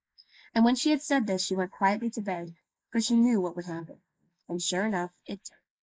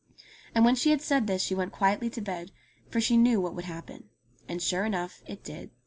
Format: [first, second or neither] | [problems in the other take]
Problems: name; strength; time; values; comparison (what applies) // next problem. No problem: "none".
second | noise reduction (neural mask model Resemble Enhance denoiser)